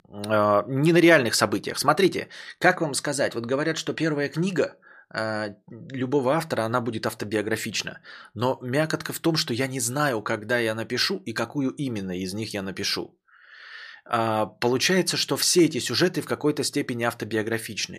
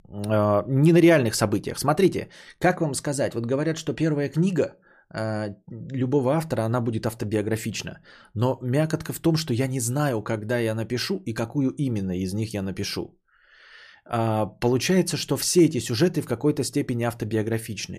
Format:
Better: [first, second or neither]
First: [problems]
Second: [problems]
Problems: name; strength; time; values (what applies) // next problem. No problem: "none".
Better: second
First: thin; very slightly; fading below 250 Hz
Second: none